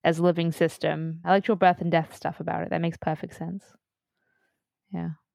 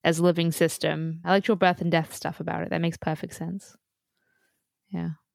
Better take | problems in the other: second | muffled; slightly; fading above 4 kHz

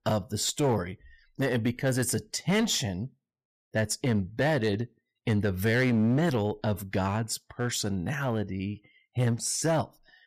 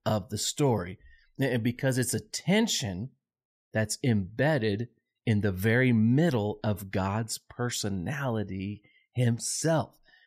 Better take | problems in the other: second | distortion; slight; 7% of the sound clipped

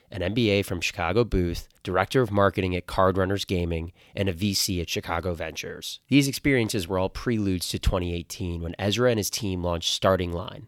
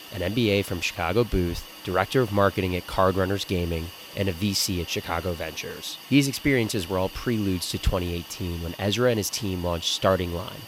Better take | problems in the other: first | hiss; noticeable; throughout; 15 dB below the speech

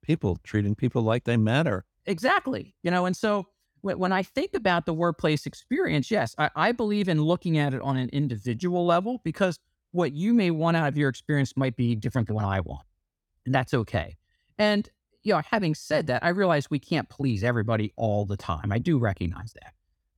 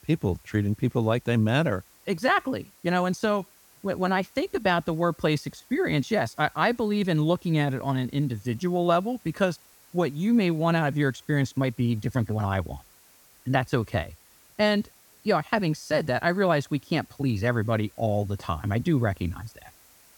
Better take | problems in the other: first | hiss; faint; throughout; 25 dB below the speech

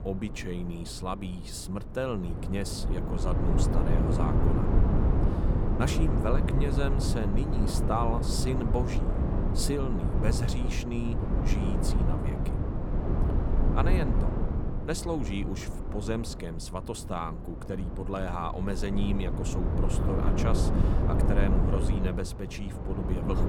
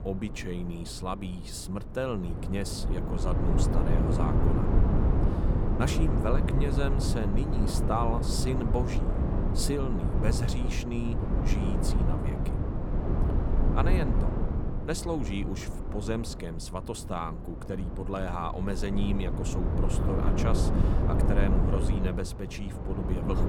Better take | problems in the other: neither | low rumble; loud; throughout; 1 dB below the speech; the same in both

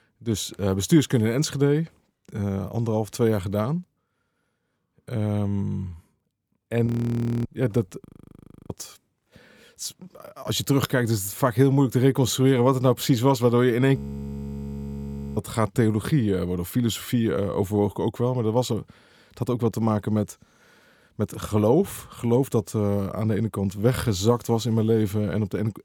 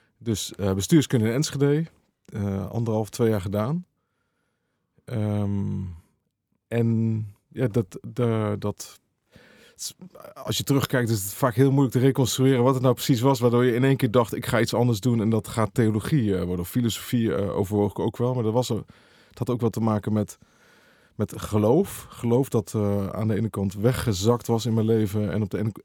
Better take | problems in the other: second | audio freezing; at 7 s for 0.5 s, at 8 s for 0.5 s and at 14 s for 1.5 s

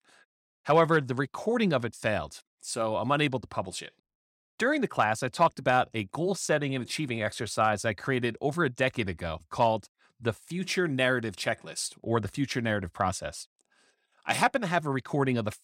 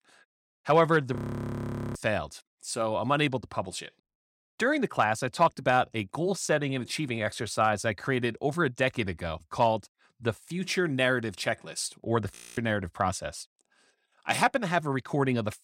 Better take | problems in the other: first | audio freezing; at 1 s for 1 s and at 12 s

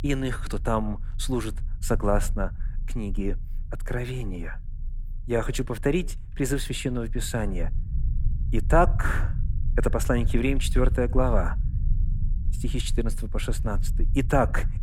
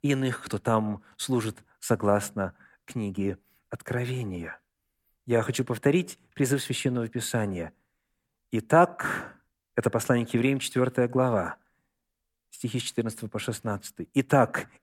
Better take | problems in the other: second | low rumble; faint; throughout; 20 dB below the speech

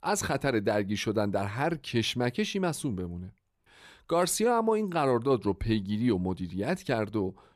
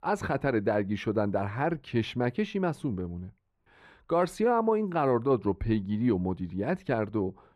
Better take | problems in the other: first | muffled; slightly; fading above 3.5 kHz

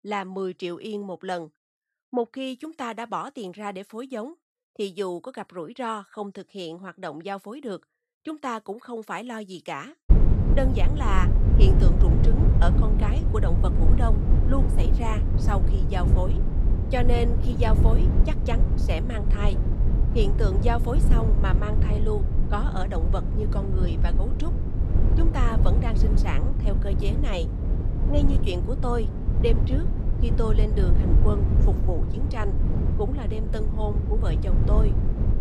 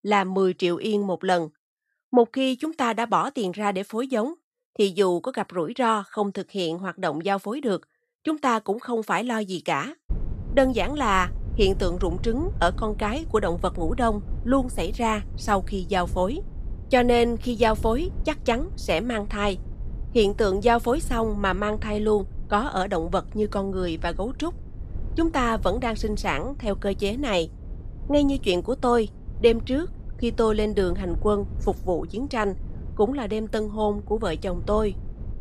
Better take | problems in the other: second | low rumble; loud; from 10 s on; 4 dB below the speech; faint in the second

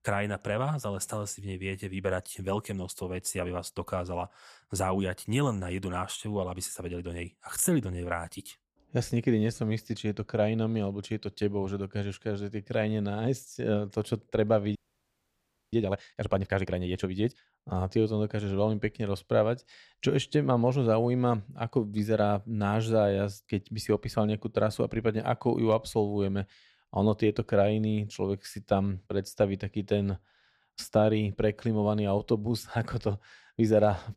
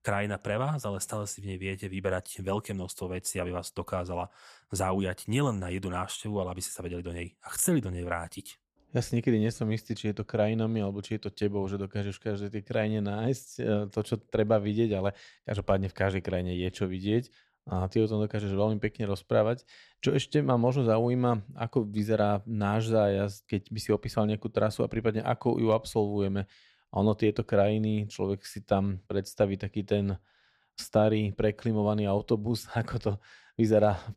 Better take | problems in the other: second | audio freezing; at 15 s for 1 s

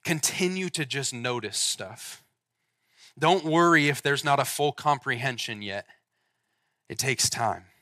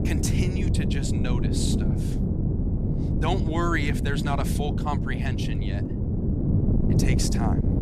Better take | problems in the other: first | wind noise on the microphone; heavy; 3 dB below the speech

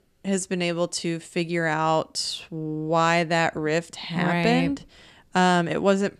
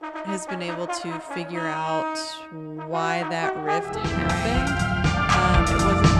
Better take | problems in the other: first | background music; very loud; throughout; 4 dB above the speech

